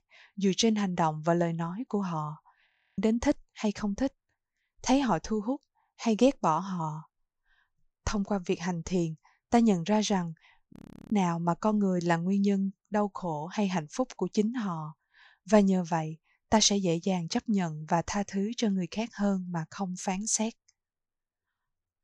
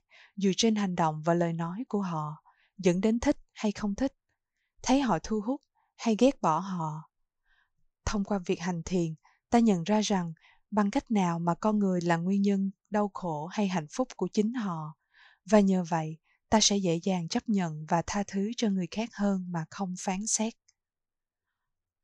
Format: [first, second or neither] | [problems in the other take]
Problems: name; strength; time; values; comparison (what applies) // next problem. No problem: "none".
second | audio freezing; at 2.5 s and at 11 s